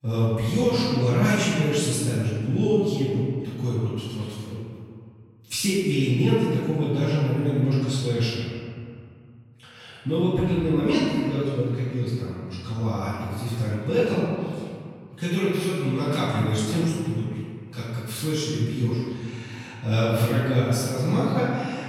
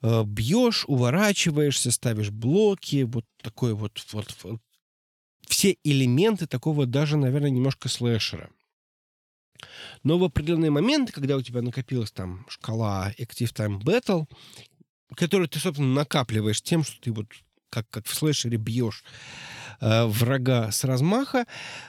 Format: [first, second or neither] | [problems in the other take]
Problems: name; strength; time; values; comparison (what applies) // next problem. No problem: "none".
second | off-mic speech; far // room echo; strong; dies away in 2 s